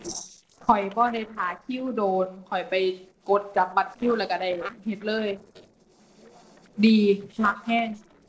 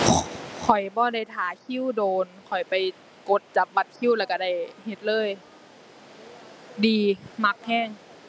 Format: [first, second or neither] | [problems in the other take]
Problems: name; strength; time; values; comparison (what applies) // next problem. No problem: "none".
second | noise reduction (neural separator model SepFormer DNS4)